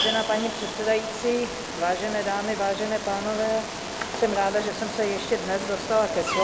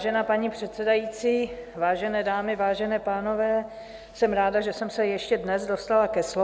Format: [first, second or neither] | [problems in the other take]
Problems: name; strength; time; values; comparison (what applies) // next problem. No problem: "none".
second | background sound (Bird vocalization, bird call, bird song); 6 dB below the speech